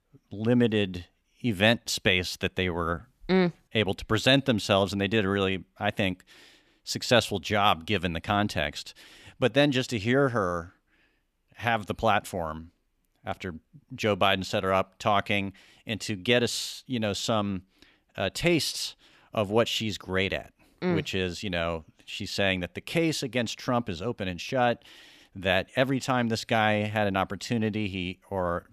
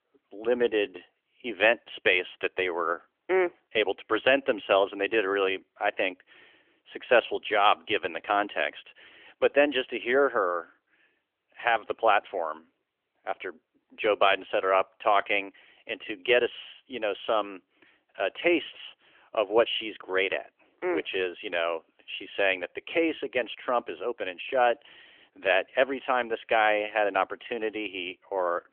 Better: first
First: none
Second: phone-call audio; nothing above 3.5 kHz

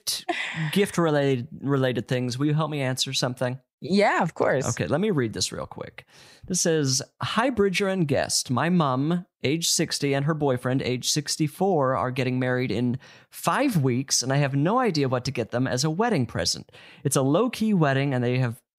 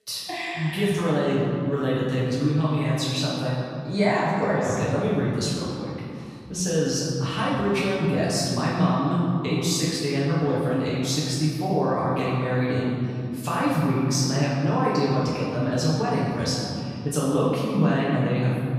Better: first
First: none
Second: room echo; strong; dies away in 2.6 s // off-mic speech; far

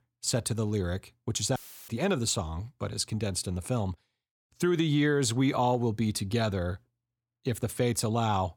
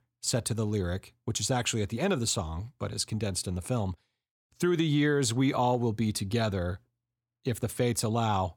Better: second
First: audio cutting out; filled with static; at 1.5 s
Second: none

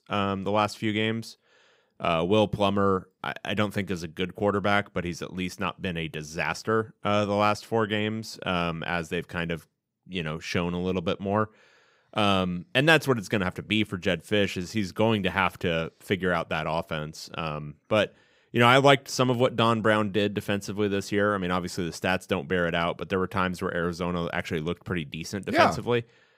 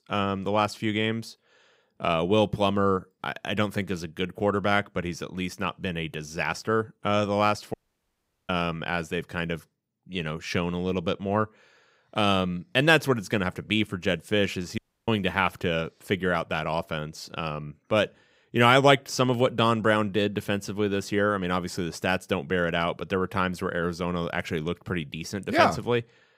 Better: first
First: none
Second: audio cutting out; at 7.5 s for 1 s and at 15 s

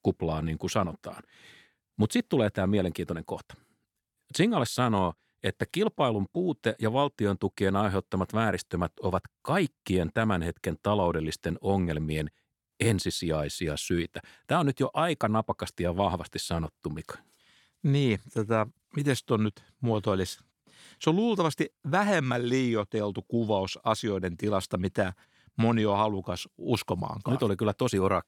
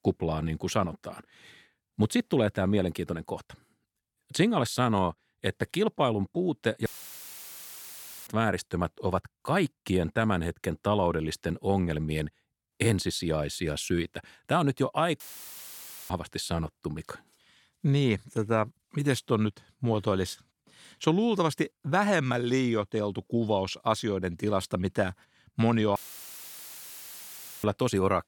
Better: first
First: none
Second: audio cutting out; filled with static; at 7 s for 1.5 s, at 15 s for 1 s and at 26 s for 1.5 s

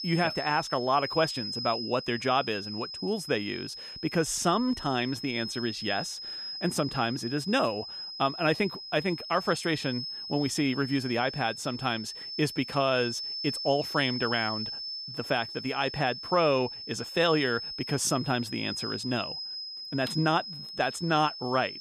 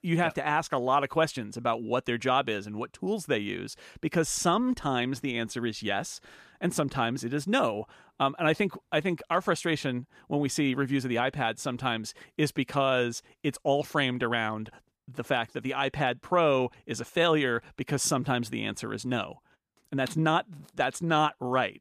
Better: second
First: high-pitched whine; loud; throughout; 5.5 kHz, 7 dB below the speech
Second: none

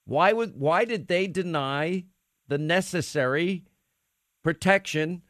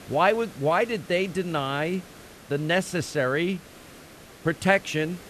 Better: first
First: none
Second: hiss; faint; throughout; 20 dB below the speech

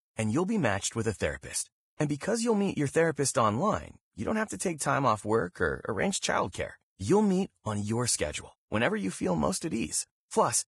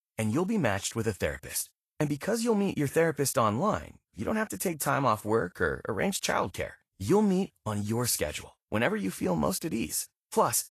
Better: second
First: garbled, watery; badly; nothing above 10.5 kHz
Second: garbled, watery; slightly; nothing above 12.5 kHz

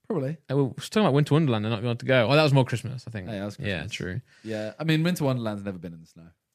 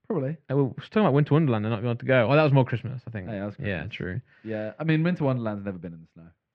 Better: first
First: none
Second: muffled; slightly; fading above 2.5 kHz

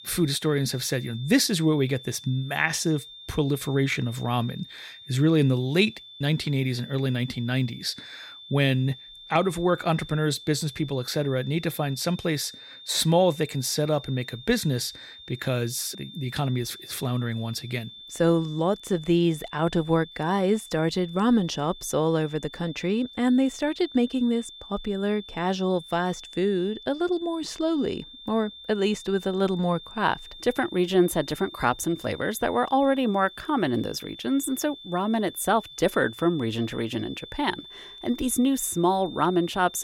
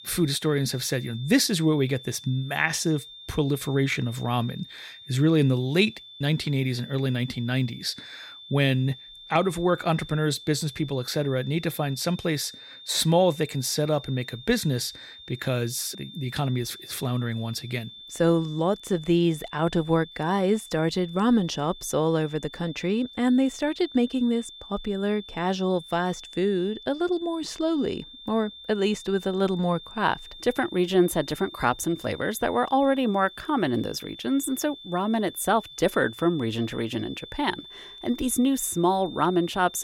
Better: neither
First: high-pitched whine; noticeable; throughout; 3.5 kHz, 15 dB below the speech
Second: high-pitched whine; noticeable; throughout; 3.5 kHz, 15 dB below the speech

